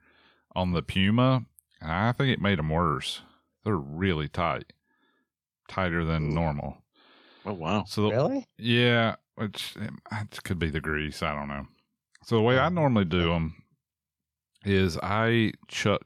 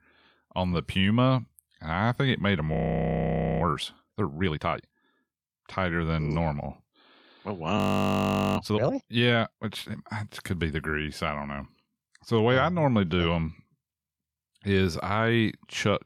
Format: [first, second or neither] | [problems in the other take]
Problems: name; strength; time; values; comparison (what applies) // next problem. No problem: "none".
first | audio freezing; at 2.5 s for 1 s and at 8 s for 1 s